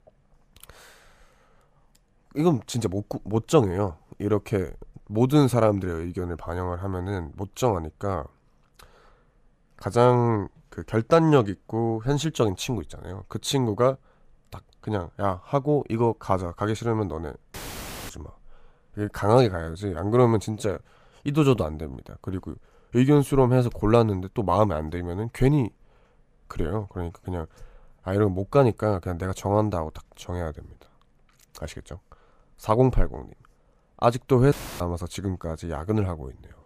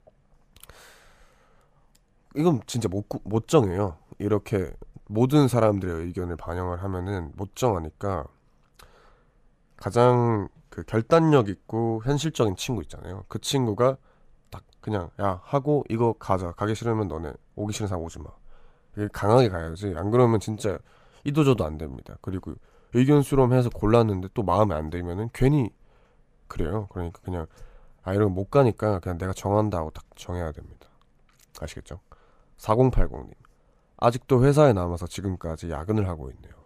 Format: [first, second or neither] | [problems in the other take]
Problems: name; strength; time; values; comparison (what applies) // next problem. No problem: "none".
second | audio cutting out; filled with static; at 18 s for 0.5 s and at 35 s